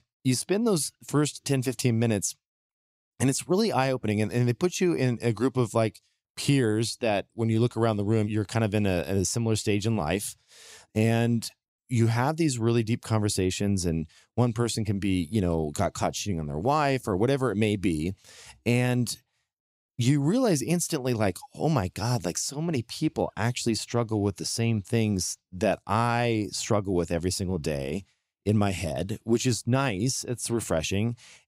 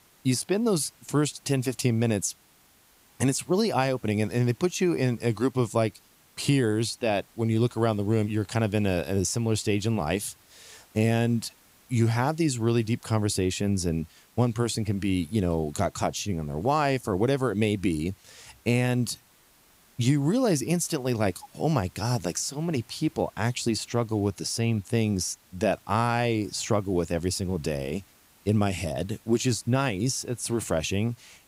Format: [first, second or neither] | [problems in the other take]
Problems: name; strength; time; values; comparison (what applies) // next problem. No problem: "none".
first | hiss; faint; throughout; 30 dB below the speech